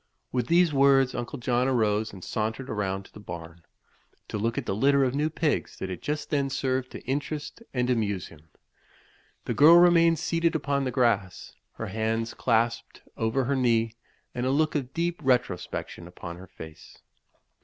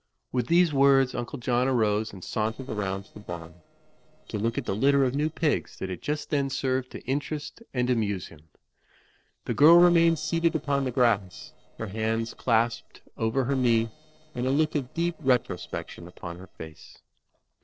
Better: first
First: none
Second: noise reduction (neural separator model SepFormer DNS4)

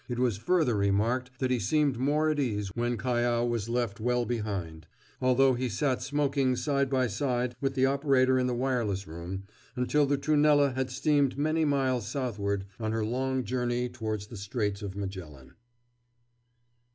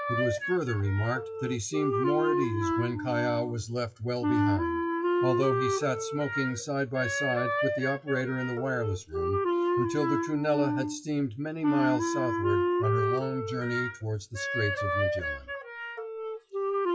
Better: first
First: none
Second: noise reduction (classical method WPE with log-MMSE)

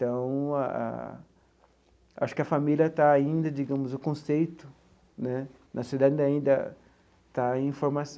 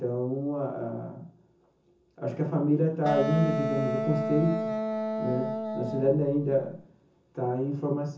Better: first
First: none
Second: background sound (Wind instrument, woodwind instrument); 2 dB below the speech // room echo; dies away in 0.6 s

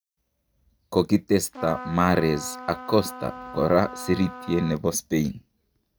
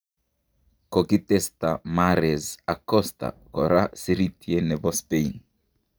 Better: second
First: background sound (Trumpet); 13 dB below the speech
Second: none

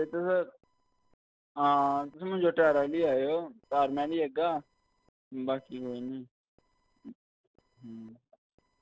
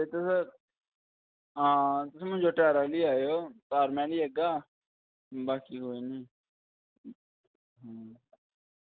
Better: second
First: noise reduction (neural separator model SepFormer DNS4)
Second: none

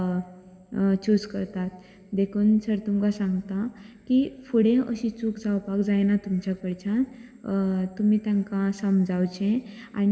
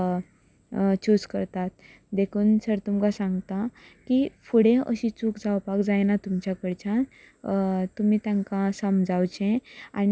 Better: second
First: room echo; dies away in 1.6 s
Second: none

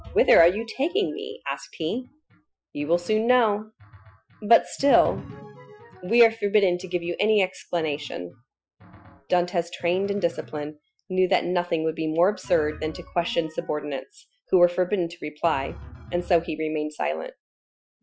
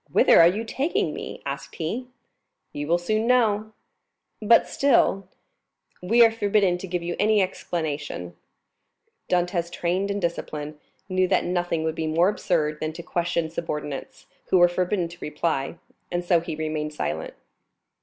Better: second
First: noise reduction (classical method Wiener filter)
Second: none

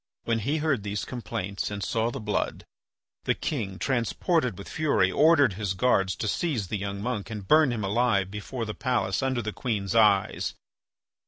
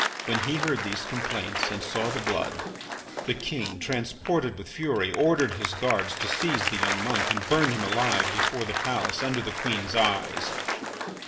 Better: first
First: none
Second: background sound (Applause); 2 dB below the speech // room echo; dies away in 2.5 s

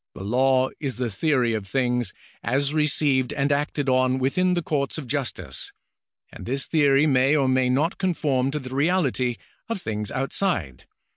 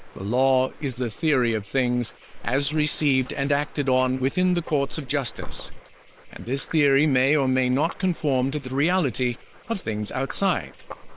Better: first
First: none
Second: noise reduction (neural separator model SepFormer WHAM!)

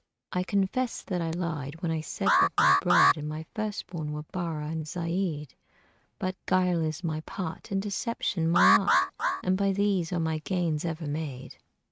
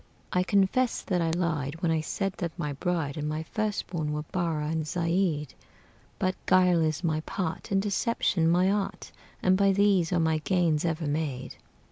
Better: second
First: noise reduction (neural mask model RNNoise)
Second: none

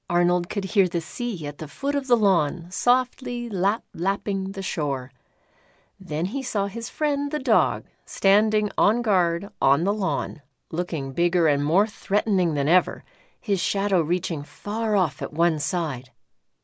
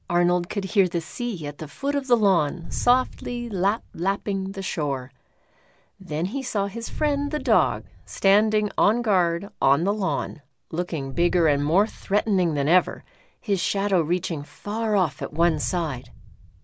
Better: first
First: none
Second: background sound (Boom); 15 dB below the speech

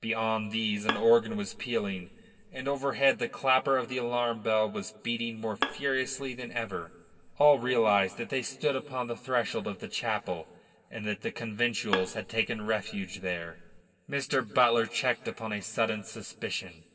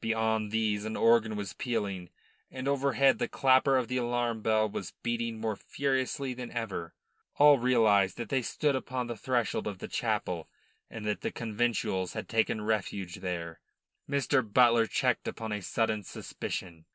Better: second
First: background sound (Bowed string instrument); 10 dB below the speech // room echo; dies away in 1.6 s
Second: none

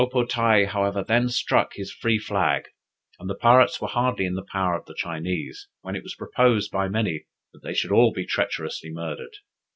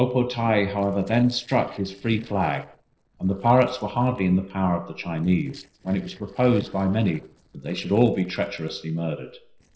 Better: first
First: none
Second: noise reduction (neural separator model SepFormer DNS4)

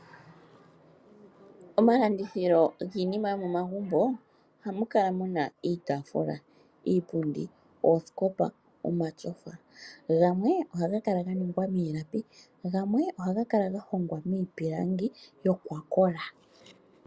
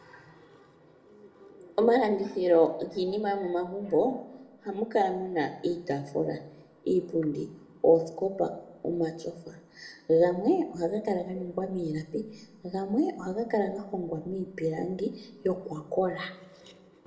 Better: first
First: none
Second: room echo; dies away in 0.7 s

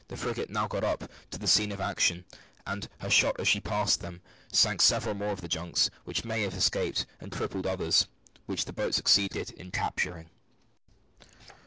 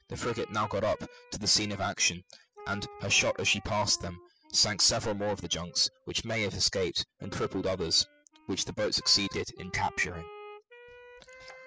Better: first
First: none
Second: noise reduction (classical method spectral subtraction)

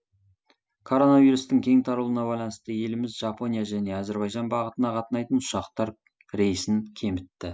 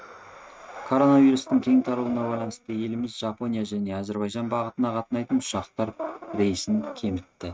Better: first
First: none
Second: noise reduction (neural mask model RNNoise)

